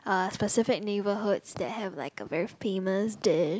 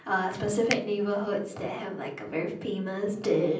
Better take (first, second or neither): first